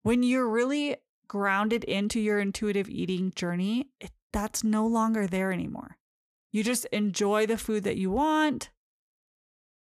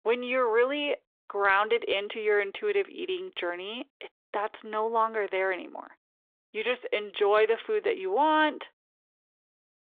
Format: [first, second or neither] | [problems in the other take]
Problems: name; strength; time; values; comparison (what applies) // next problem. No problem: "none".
first | phone-call audio